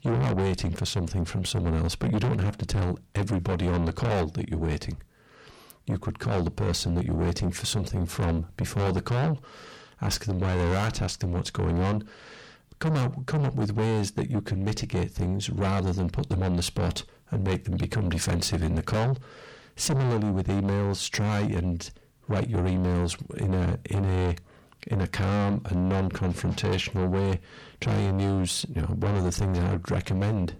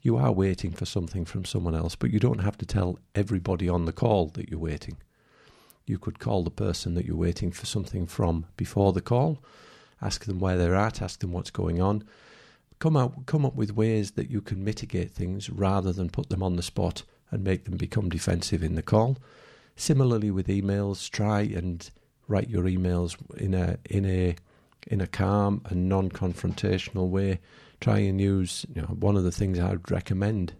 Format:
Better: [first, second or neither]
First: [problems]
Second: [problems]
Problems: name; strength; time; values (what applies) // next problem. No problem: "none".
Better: second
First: distortion; heavy; 6 dB below the speech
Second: none